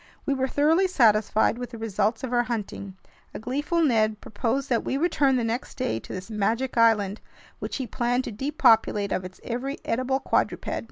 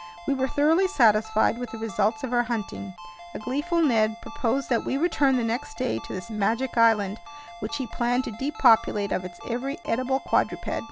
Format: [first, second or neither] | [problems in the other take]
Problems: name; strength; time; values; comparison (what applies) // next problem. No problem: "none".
first | background sound (Ringtone); 17 dB below the speech